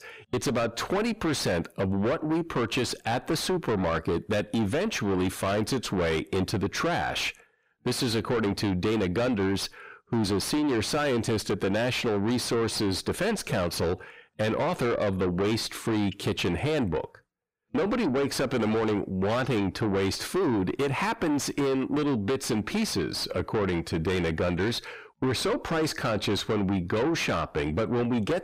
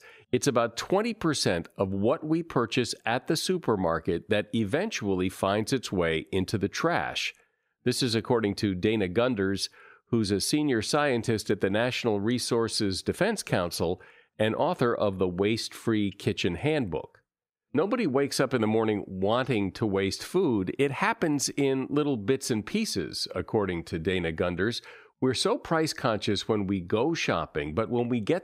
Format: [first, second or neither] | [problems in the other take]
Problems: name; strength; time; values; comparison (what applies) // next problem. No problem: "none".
second | distortion; heavy; 6 dB below the speech